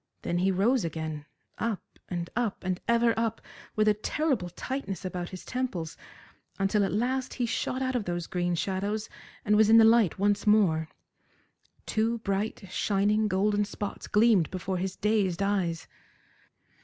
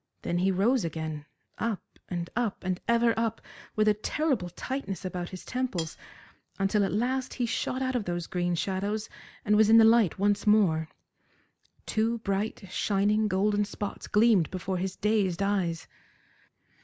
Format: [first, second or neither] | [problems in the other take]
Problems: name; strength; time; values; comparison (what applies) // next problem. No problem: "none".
first | background sound (Cutlery, silverware); 15 dB below the speech